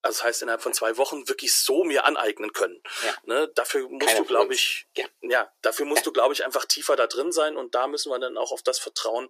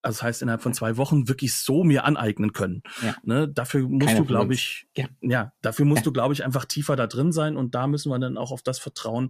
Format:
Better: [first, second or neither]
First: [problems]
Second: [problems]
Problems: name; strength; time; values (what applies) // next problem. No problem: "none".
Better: second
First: thin; very; fading below 350 Hz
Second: none